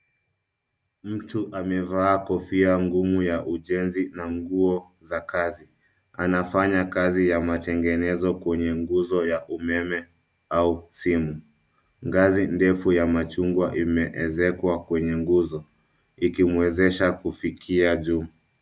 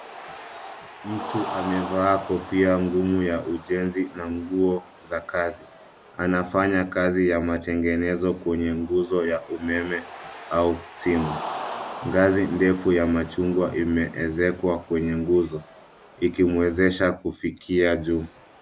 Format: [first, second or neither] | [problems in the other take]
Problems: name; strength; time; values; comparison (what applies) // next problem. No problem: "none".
first | background sound (Cheering); 15 dB below the speech